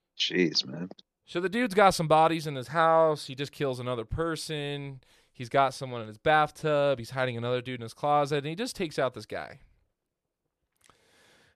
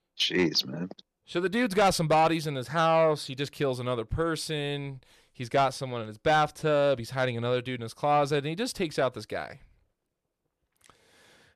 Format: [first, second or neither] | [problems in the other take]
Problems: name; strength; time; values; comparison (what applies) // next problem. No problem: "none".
first | distortion; slight; 10 dB below the speech